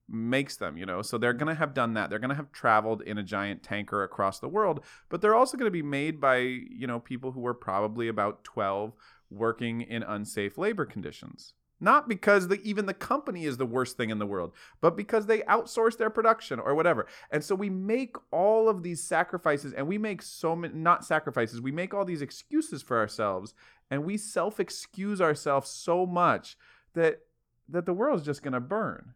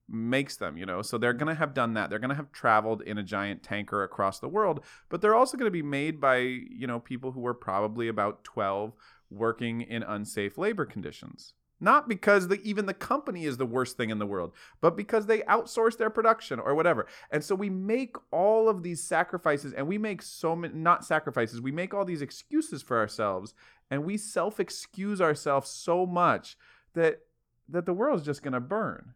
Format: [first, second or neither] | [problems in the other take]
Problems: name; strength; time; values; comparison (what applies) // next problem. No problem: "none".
neither | muffled; slightly; fading above 2.5 kHz; the same in both